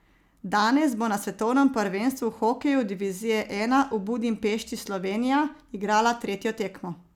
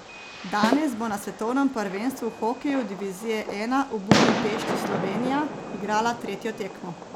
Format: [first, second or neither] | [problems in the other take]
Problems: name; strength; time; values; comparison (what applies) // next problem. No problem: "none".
first | background sound (Snare drum + Fireworks); 2 dB below the speech